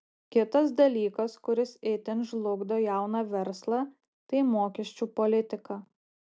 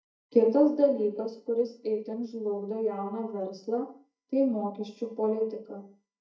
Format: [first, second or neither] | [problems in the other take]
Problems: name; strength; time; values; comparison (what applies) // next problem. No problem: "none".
first | noise reduction (neural mask model DeepFilterNet 3)